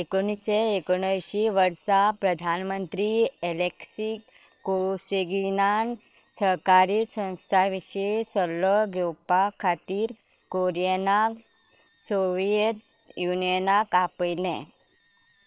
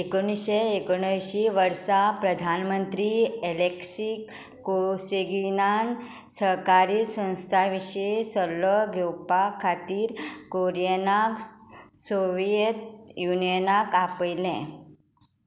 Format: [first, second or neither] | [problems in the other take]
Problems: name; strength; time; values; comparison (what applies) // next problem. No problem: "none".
second | noise reduction (neural separator model SepFormer WHAM!)